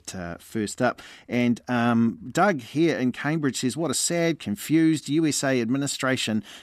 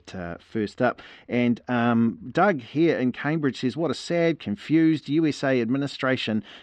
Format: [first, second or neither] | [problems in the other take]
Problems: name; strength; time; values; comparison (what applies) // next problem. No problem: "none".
first | muffled; slightly; fading above 4 kHz